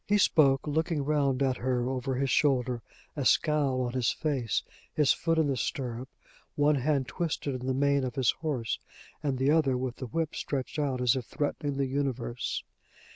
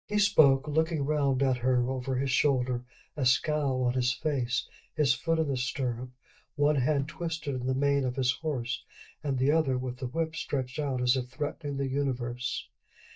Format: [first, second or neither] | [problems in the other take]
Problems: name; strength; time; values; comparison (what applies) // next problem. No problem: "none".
first | noise reduction (neural mask model DeepFilterNet 3)